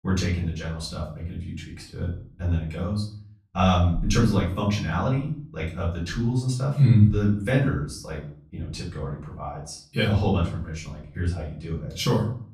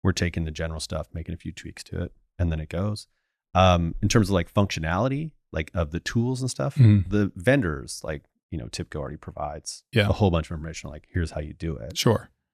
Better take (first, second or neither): second